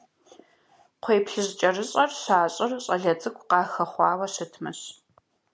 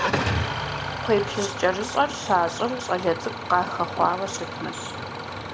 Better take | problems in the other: first | background sound (Idling / Engine starting); 4 dB below the speech

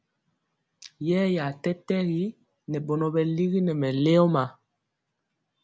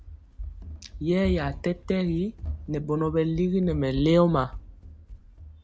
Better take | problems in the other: first | background sound (Run); 11 dB below the speech

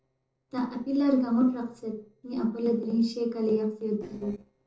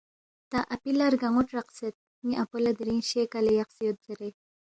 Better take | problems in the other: second | noise reduction (neural separator model SepFormer DNS4)

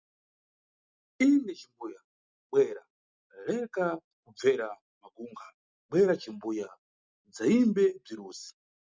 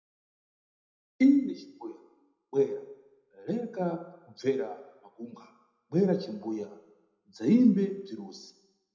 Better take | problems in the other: first | room echo; dies away in 0.8 s

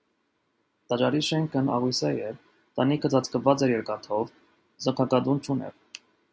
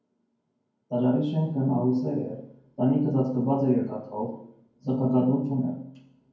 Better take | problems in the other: first | room echo; dies away in 0.9 s

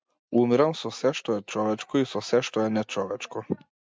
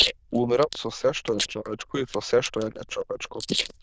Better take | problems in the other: first | noise reduction (neural diffusion model UNIVERSE++)

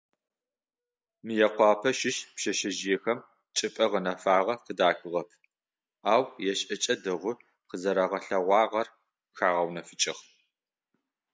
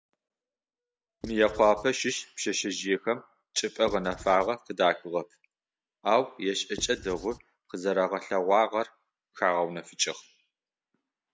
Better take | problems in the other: first | background sound (Writing); 15 dB below the speech

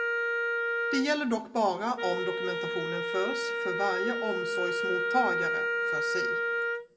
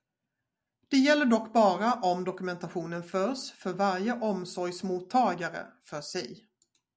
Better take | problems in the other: second | background sound (Wind instrument, woodwind instrument); 2 dB above the speech // room echo; dies away in 0.9 s

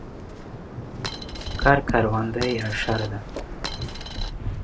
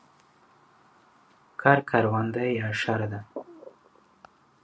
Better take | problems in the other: second | background sound (Coin (dropping) + Waves, surf); 4 dB below the speech

